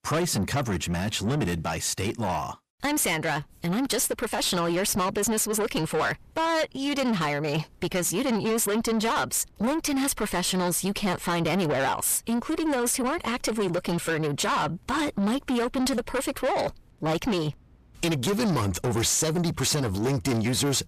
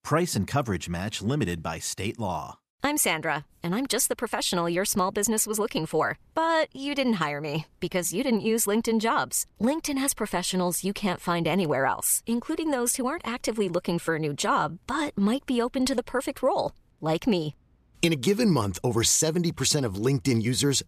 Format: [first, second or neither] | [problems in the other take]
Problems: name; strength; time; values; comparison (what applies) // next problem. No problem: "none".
second | distortion; heavy; 8 dB below the speech